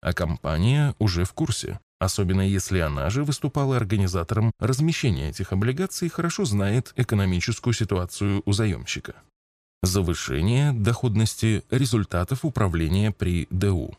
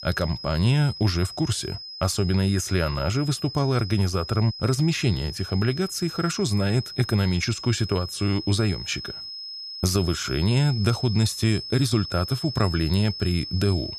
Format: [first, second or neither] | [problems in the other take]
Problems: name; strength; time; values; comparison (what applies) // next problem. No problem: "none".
first | high-pitched whine; loud; throughout; 5 kHz, 10 dB below the speech